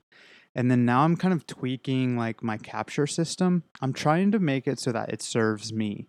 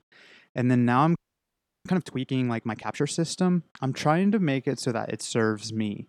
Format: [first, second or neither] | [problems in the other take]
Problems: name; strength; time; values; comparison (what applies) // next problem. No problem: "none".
first | audio freezing; at 1 s for 0.5 s